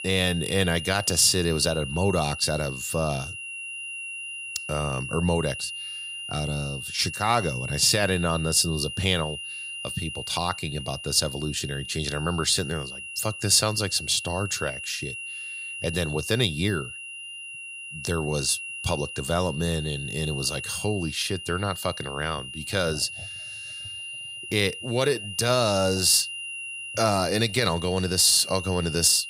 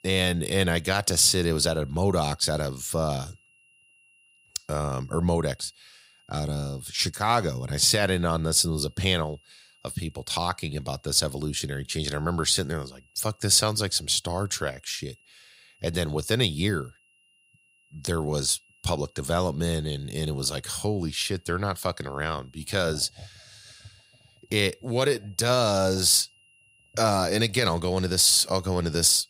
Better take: second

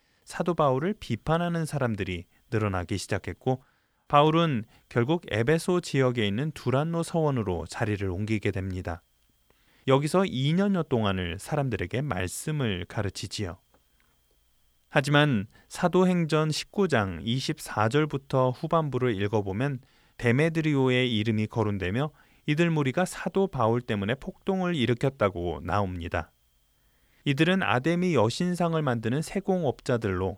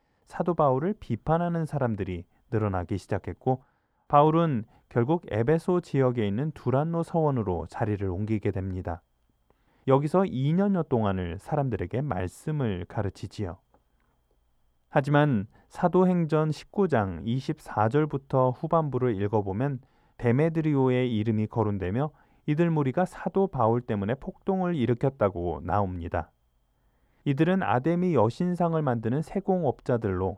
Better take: first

